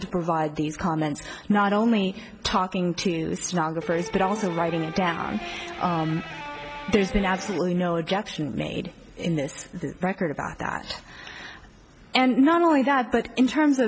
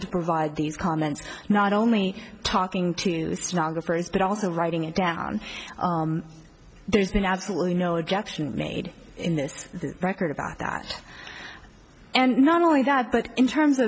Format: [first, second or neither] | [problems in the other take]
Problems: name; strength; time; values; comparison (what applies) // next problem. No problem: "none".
second | background sound (Electric guitar); 11 dB below the speech